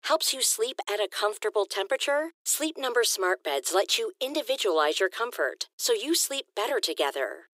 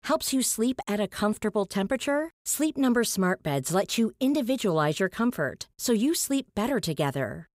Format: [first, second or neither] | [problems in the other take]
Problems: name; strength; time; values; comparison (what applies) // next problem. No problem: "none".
second | thin; very; fading below 350 Hz